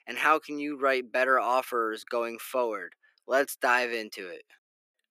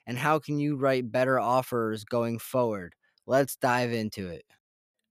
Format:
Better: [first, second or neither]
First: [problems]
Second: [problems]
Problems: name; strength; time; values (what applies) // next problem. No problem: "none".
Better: second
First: thin; somewhat; fading below 350 Hz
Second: none